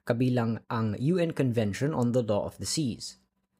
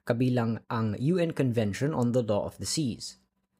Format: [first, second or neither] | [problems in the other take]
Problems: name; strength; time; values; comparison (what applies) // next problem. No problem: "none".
neither | none